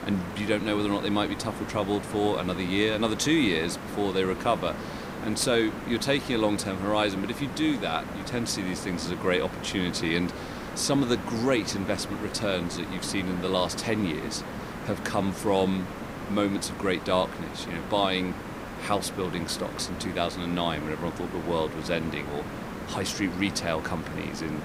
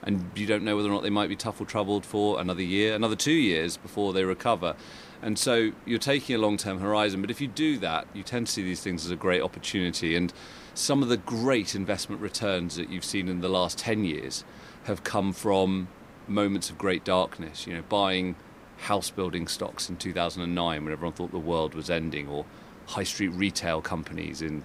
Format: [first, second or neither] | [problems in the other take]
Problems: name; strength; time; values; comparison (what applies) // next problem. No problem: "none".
second | hiss; loud; throughout; 8 dB below the speech; faint in the second